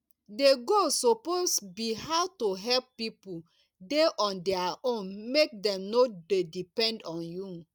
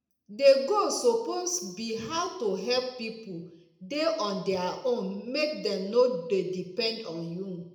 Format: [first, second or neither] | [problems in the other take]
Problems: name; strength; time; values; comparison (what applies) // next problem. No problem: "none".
first | room echo; dies away in 0.7 s